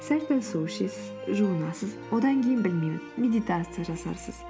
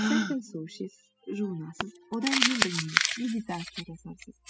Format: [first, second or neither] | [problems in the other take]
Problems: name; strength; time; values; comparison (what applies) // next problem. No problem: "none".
first | noise reduction (classical method spectral subtraction)